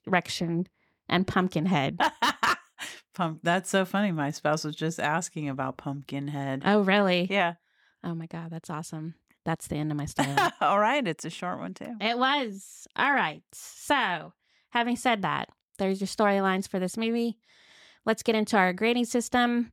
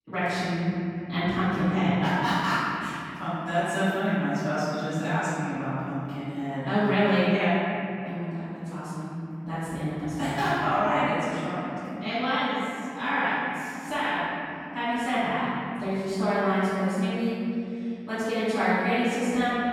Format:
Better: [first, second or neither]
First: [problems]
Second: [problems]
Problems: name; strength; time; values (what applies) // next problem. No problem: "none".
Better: first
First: none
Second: off-mic speech; far // room echo; strong; dies away in 3 s